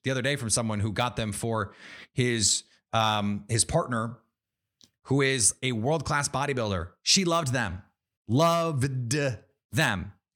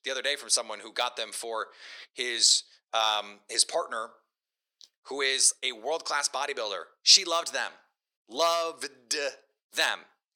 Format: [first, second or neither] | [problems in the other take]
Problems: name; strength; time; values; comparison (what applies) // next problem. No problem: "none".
first | thin; very; fading below 400 Hz